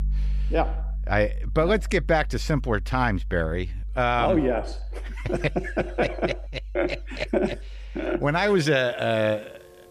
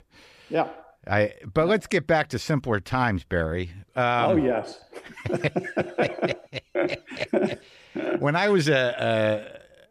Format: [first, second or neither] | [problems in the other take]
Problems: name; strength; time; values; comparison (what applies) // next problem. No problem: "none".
second | background music; loud; throughout; 9 dB below the speech